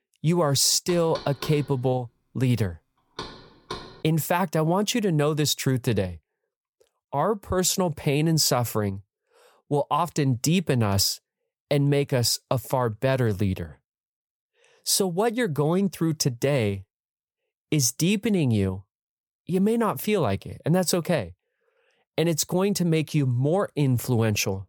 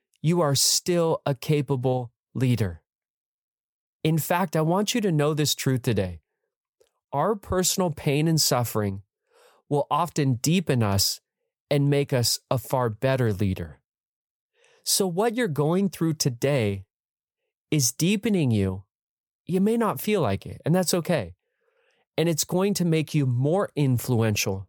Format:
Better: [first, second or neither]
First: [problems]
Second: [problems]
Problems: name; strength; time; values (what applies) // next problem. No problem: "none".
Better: second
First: door banging; faint; from 1 to 4 s; peak 10 dB below the speech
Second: none